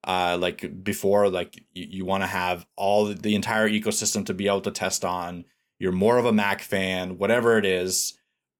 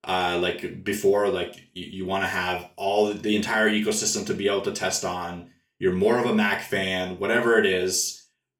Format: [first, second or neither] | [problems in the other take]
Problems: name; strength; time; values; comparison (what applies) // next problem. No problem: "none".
first | room echo; slight; dies away in 0.3 s // off-mic speech; somewhat distant